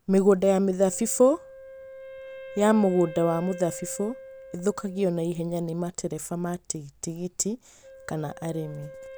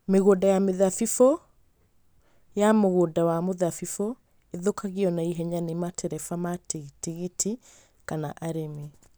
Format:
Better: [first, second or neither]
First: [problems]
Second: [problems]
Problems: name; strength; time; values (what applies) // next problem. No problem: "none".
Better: second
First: background sound (Wind instrument, woodwind instrument); 18 dB below the speech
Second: none